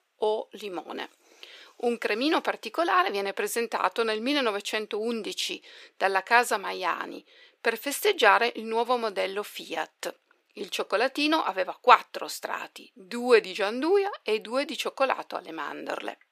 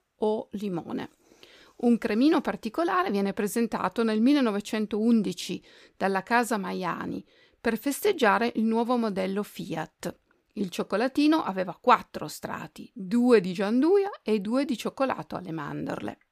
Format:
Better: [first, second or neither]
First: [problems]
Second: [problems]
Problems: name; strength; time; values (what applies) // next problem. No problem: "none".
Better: second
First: thin; somewhat; fading below 400 Hz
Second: none